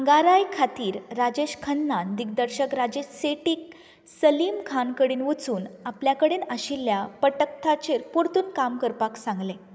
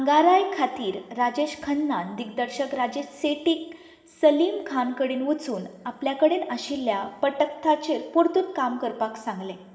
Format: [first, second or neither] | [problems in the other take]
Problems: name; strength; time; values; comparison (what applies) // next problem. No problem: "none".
first | room echo; dies away in 1 s